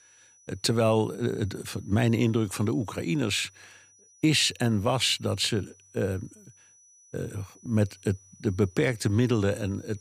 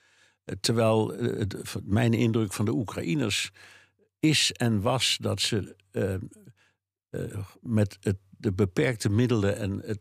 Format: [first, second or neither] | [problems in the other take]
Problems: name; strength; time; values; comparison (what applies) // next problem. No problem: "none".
second | high-pitched whine; faint; throughout; 6 kHz, 30 dB below the speech